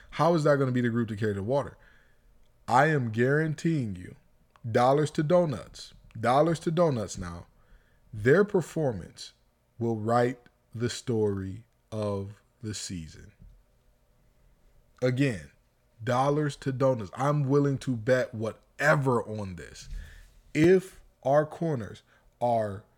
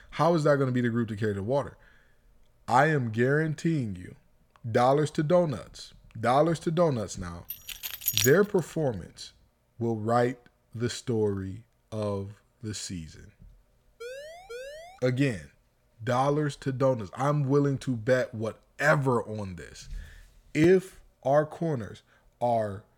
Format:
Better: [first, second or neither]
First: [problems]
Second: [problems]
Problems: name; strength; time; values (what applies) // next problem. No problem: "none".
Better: first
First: none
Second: jangling keys; loud; at 7.5 s; peak 1 dB above the speech // siren; faint; at 14 s; peak 15 dB below the speech